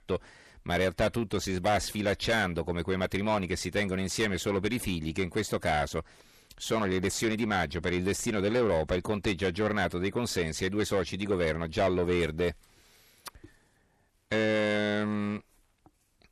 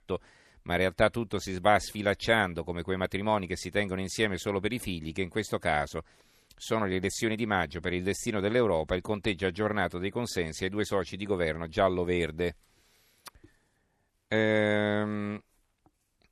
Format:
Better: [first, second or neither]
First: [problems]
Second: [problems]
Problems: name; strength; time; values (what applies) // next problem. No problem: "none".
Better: second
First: distortion; heavy; 7 dB below the speech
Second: none